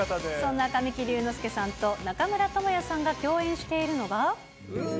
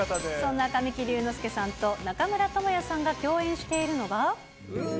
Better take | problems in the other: first | background sound (Marimba, xylophone); 16 dB below the speech

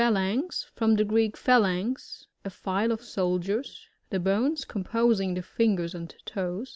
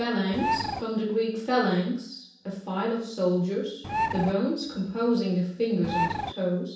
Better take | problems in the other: first | background sound (Bird); 1 dB below the speech // room echo; dies away in 0.7 s

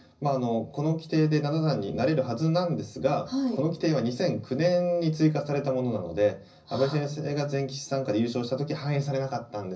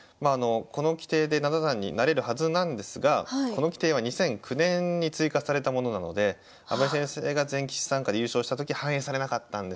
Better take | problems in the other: second | room echo; dies away in 0.4 s

